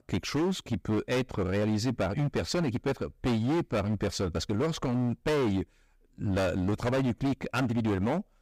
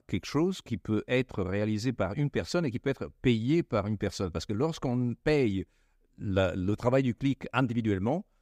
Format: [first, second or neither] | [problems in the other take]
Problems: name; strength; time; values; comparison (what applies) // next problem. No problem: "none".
second | distortion; heavy; 20% of the sound clipped